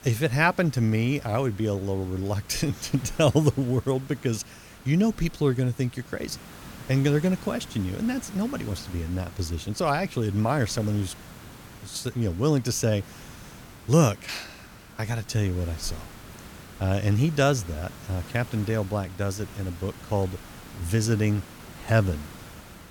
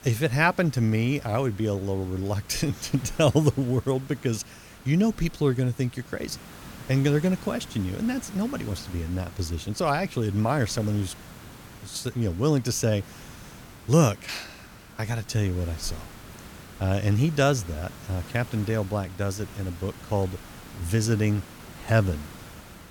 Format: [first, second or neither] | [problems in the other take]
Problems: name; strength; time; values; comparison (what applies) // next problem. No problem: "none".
neither | hiss; noticeable; throughout; 20 dB below the speech; the same in both